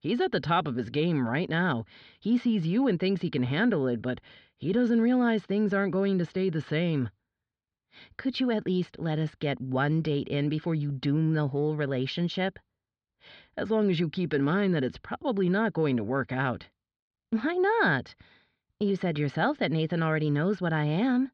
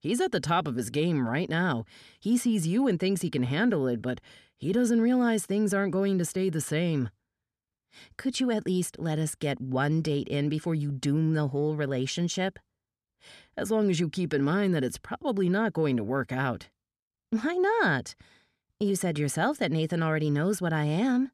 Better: second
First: muffled; slightly; fading above 4.5 kHz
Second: none

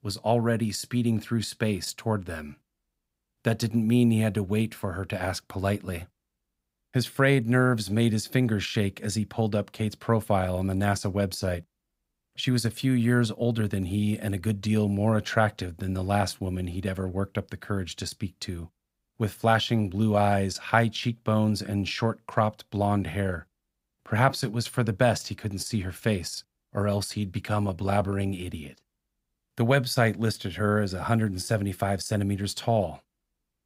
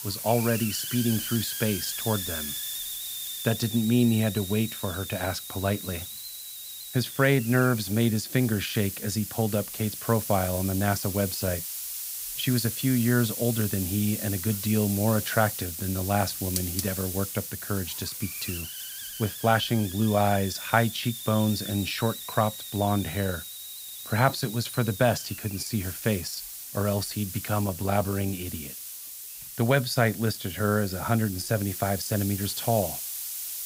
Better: first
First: none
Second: hiss; loud; throughout; 6 dB below the speech

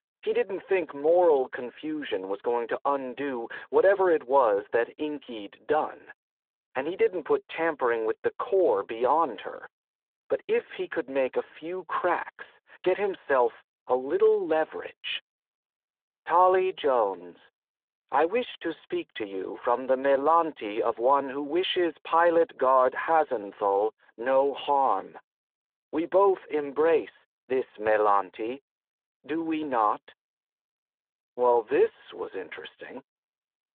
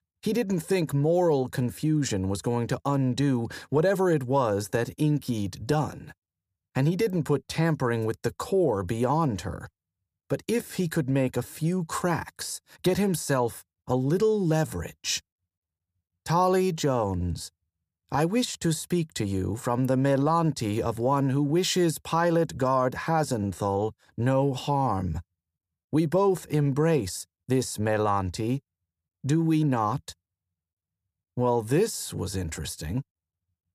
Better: second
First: phone-call audio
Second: none

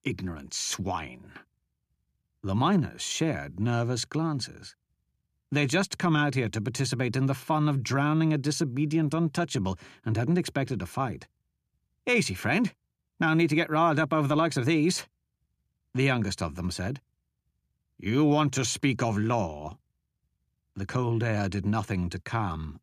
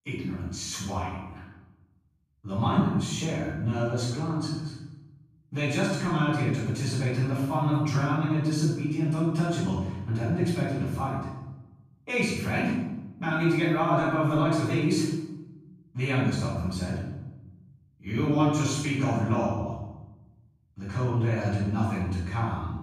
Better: first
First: none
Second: off-mic speech; far // room echo; strong; dies away in 0.9 s

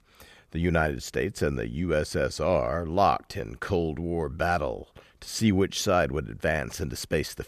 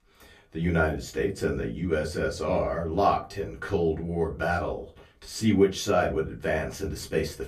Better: first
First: none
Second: off-mic speech; far // room echo; very slight; dies away in 0.2 s

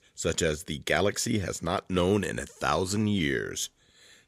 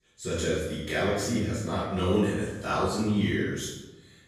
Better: first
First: none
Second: off-mic speech; far // room echo; strong; dies away in 0.9 s

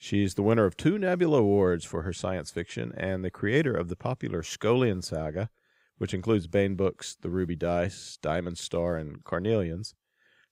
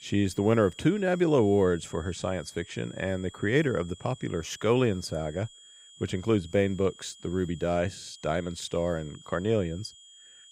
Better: first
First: none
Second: high-pitched whine; faint; throughout; 3.5 kHz, 20 dB below the speech

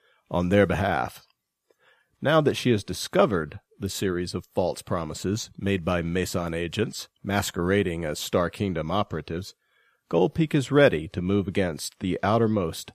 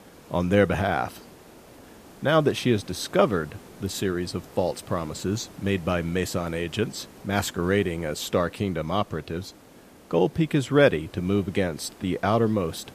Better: first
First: none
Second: hiss; faint; throughout; 20 dB below the speech

